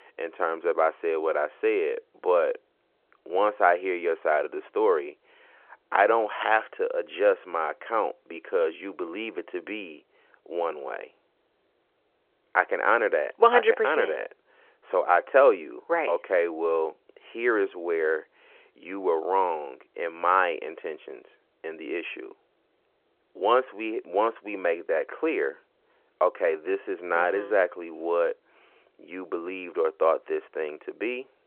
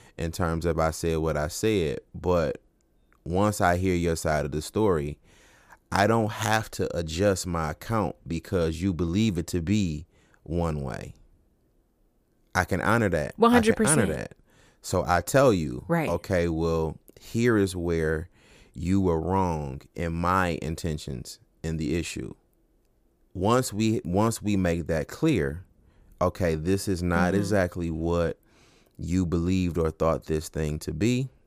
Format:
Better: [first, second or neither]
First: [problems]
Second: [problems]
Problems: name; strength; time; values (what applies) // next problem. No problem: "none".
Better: second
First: phone-call audio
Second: none